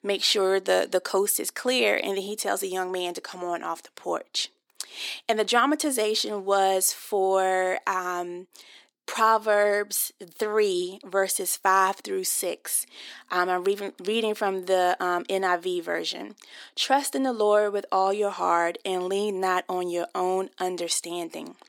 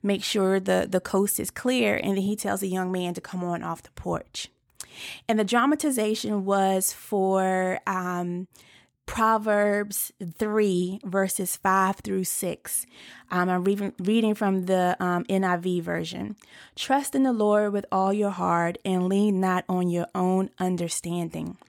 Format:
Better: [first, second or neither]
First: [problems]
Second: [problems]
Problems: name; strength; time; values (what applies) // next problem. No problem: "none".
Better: second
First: thin; somewhat; fading below 300 Hz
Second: none